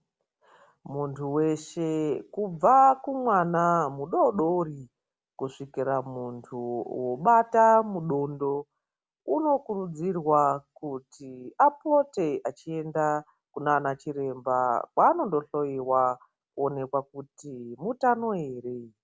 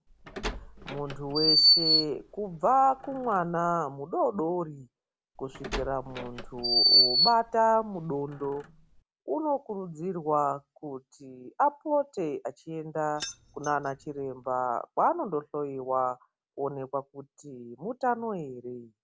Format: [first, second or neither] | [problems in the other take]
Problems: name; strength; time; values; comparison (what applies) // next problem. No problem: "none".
first | background sound (Keys jangling + Door); 2 dB above the speech